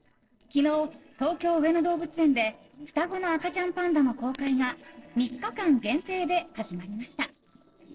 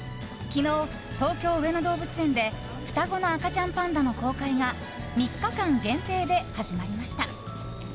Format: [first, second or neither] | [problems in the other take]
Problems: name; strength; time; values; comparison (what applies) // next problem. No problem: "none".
second | noise reduction (neural separator model SepFormer DNS4)